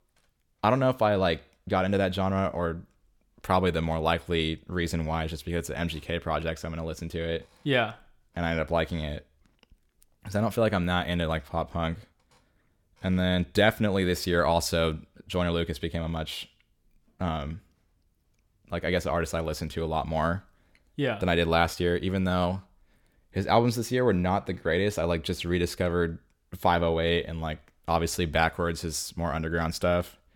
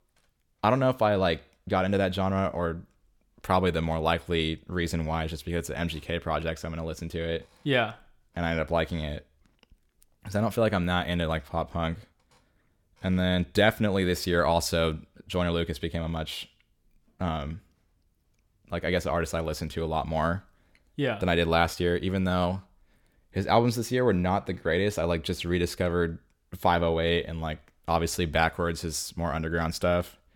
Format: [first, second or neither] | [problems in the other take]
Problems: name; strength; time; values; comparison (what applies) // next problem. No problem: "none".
neither | none